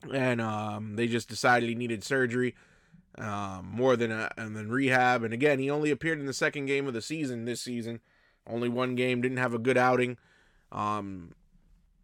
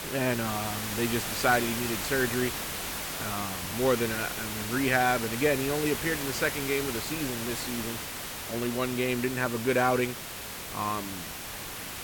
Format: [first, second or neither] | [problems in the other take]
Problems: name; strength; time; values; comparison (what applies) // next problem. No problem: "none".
first | hiss; loud; throughout; 4 dB below the speech